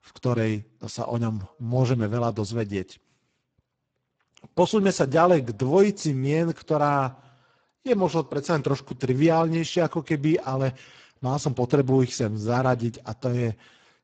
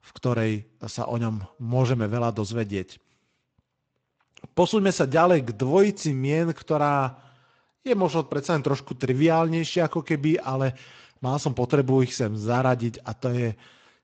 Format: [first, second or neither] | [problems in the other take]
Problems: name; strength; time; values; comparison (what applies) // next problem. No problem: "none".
second | garbled, watery; badly; nothing above 7.5 kHz; slightly in the second